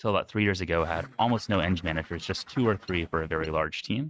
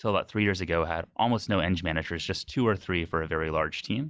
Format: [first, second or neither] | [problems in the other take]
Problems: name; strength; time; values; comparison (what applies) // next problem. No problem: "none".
second | noise reduction (neural mask model RNNoise)